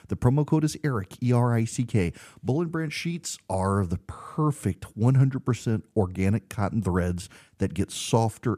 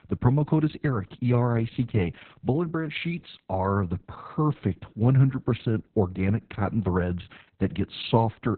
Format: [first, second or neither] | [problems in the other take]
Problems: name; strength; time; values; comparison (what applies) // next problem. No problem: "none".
first | garbled, watery; badly; nothing above 4 kHz